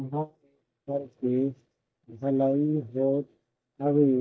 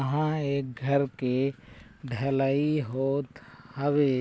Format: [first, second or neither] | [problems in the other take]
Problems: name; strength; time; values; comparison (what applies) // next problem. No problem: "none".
second | noise reduction (neural mask model DeepFilterNet 3)